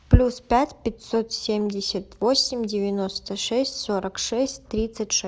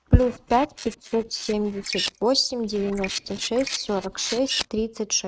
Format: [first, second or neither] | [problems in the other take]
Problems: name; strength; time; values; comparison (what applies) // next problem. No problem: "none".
first | noise reduction (neural mask model RNNoise)